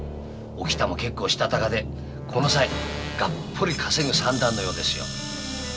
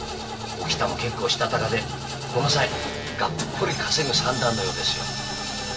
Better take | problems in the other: first | background sound (Engine starting / Car); 8 dB below the speech // room echo; dies away in 0.2 s

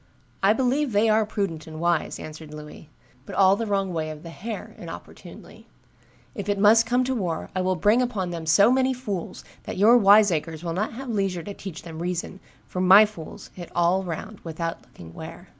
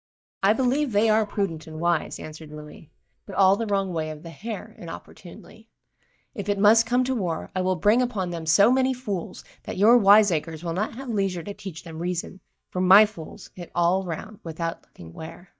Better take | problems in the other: first | noise reduction (neural mask model DeepFilterNet 3)

